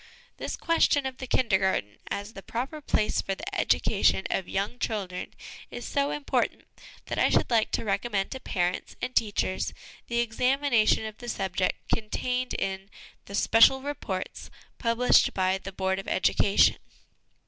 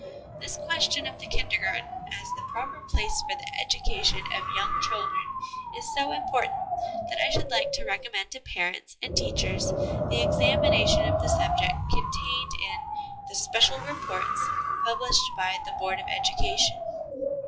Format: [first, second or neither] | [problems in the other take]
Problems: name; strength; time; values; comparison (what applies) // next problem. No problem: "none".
first | noise reduction (classical method WPE with log-MMSE)